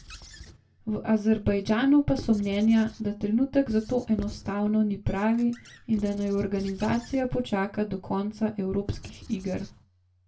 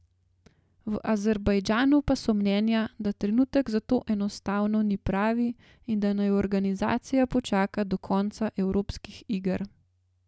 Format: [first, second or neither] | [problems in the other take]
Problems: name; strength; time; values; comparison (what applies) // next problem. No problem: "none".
second | background sound (Squeak / Writing); 19 dB below the speech // room echo; dies away in 0.2 s